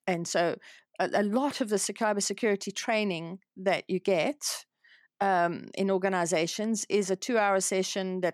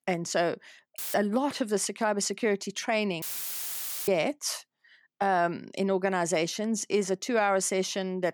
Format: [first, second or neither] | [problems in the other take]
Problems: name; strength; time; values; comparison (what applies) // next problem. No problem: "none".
first | audio cutting out; filled with static; at 1 s and at 3 s for 1 s